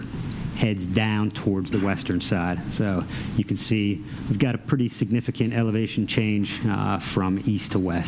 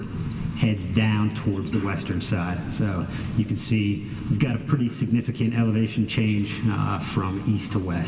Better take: first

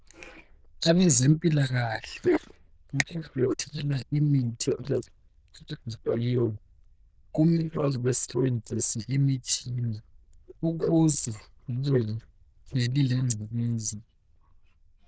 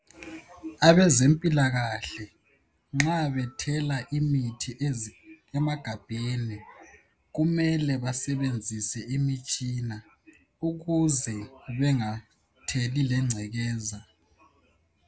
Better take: second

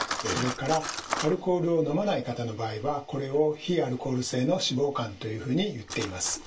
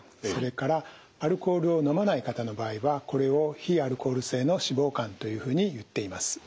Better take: second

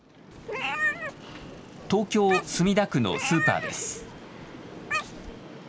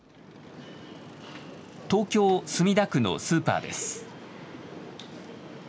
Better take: second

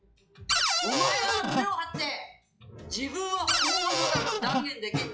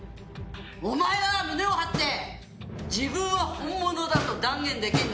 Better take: second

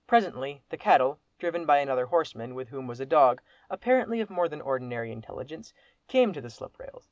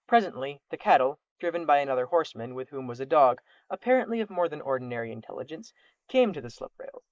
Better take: first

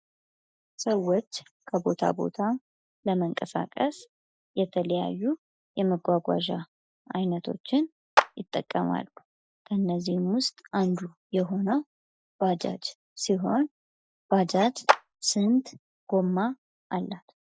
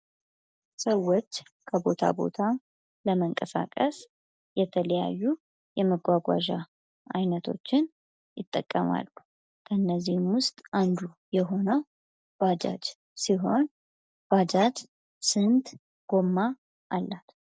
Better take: second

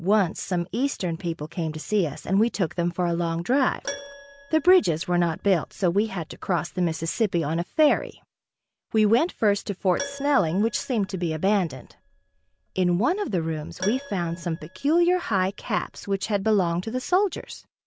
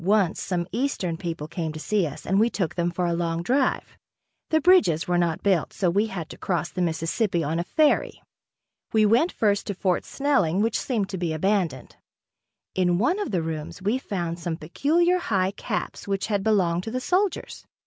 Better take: second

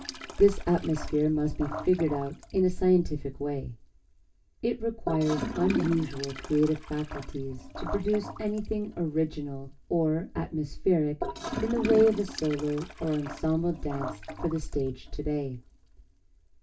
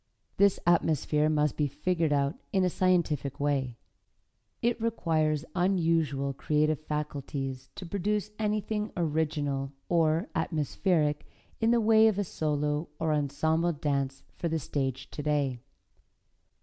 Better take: second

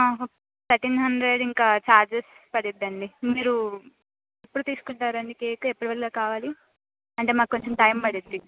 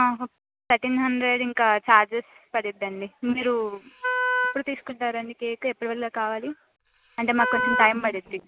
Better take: first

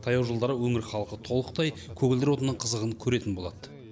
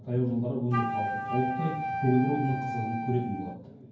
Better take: first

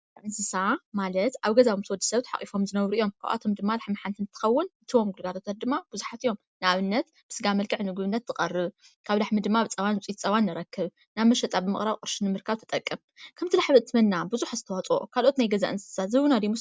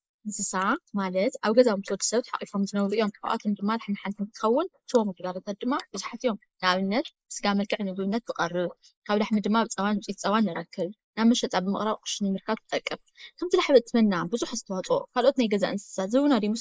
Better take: first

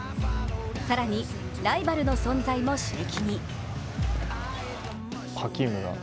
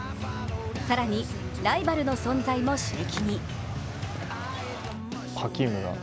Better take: second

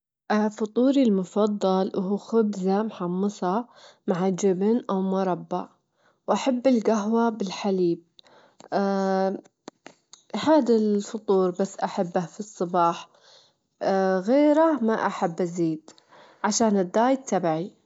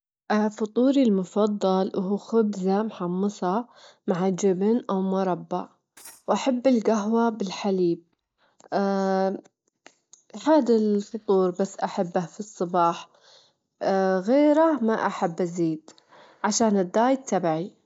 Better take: first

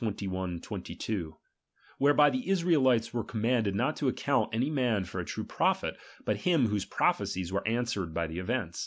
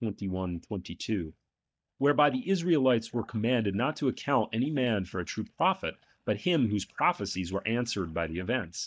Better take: first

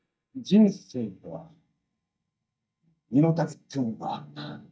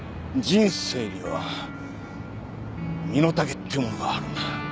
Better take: second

